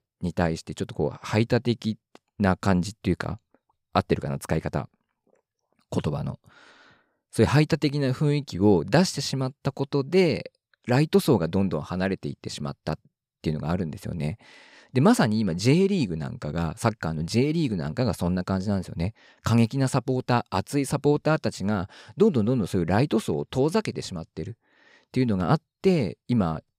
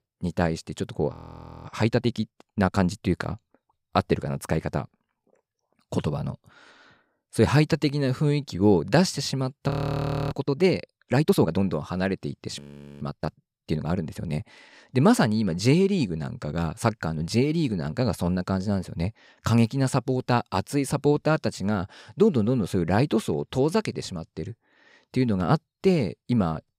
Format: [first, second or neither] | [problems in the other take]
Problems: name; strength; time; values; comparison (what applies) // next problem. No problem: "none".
first | audio freezing; at 1 s for 0.5 s, at 9.5 s for 0.5 s and at 13 s